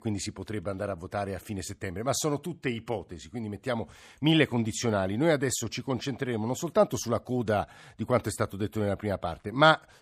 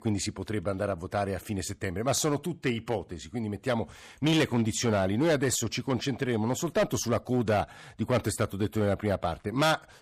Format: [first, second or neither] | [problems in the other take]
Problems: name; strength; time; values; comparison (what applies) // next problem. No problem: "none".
first | distortion; heavy; 7% of the sound clipped